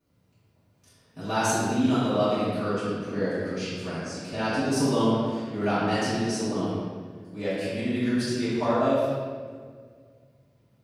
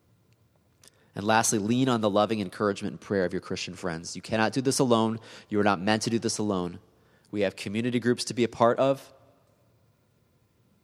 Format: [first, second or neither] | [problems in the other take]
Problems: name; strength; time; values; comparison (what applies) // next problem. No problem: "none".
second | off-mic speech; far // room echo; strong; dies away in 1.5 s